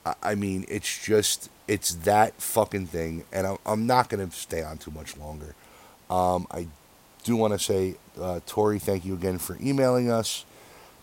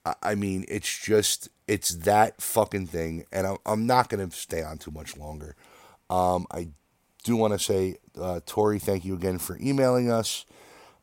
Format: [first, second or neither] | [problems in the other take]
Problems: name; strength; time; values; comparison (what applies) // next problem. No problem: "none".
second | hiss; faint; throughout; 30 dB below the speech